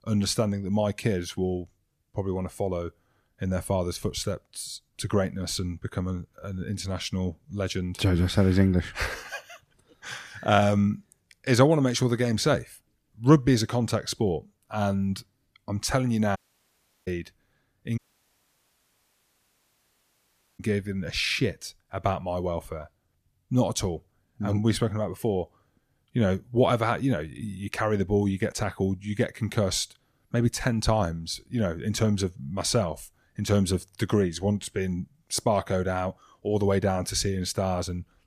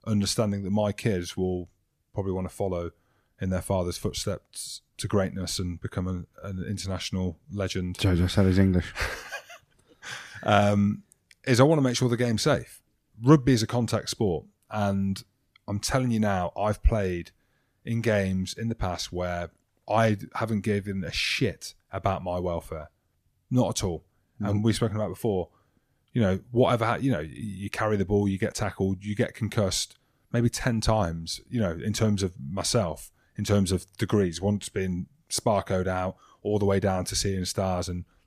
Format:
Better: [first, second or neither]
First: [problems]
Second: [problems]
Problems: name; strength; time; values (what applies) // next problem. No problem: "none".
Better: second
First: audio cutting out; at 16 s for 0.5 s and at 18 s for 2.5 s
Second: none